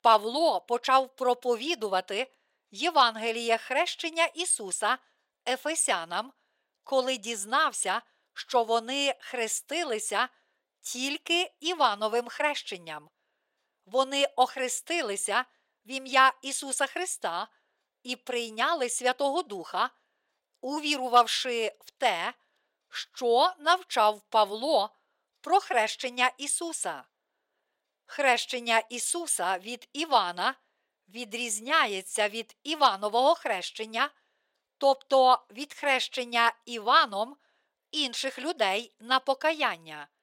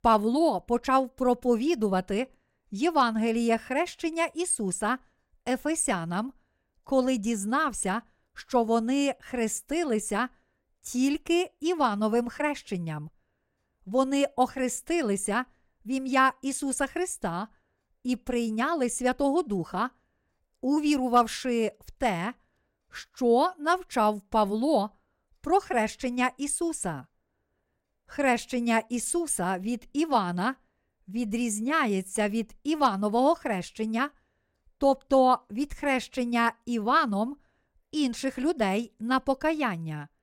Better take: second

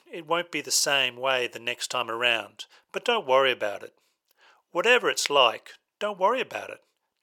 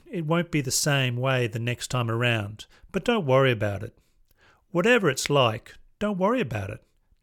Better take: second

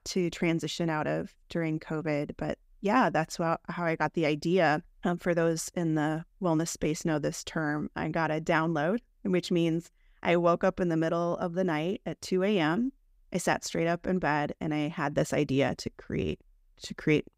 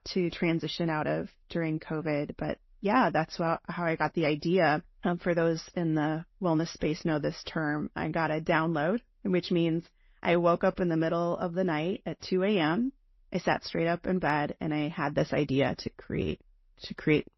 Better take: first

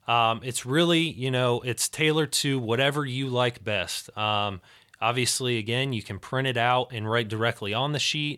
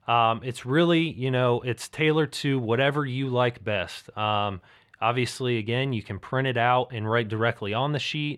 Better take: first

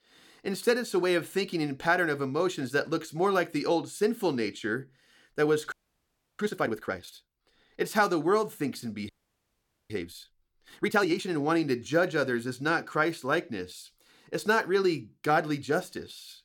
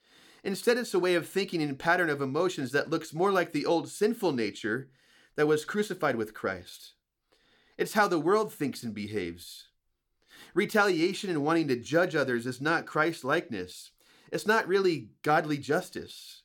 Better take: second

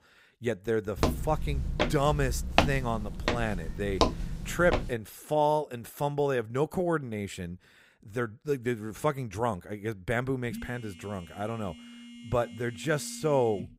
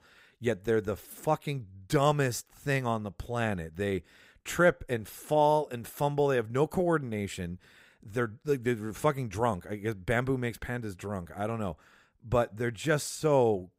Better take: second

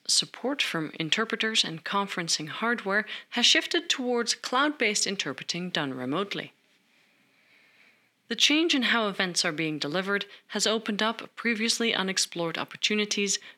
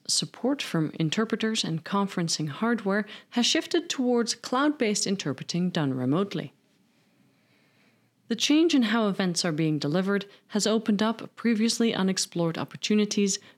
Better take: second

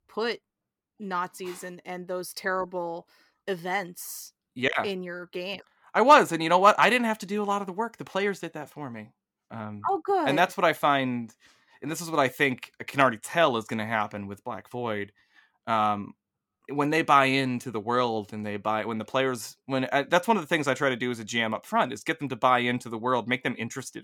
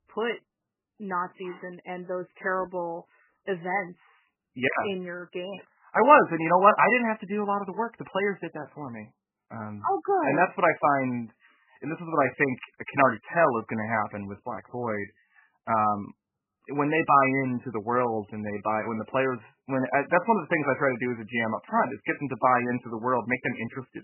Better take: first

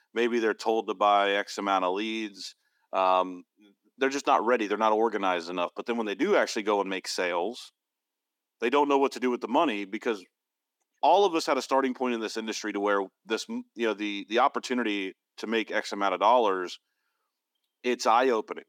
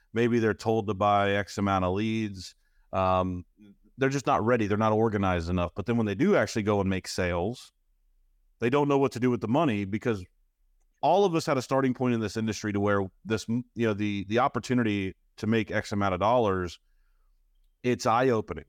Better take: second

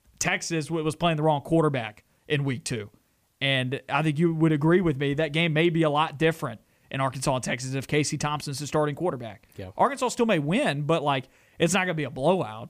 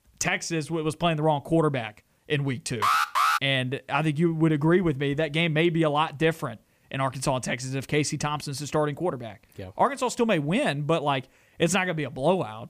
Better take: first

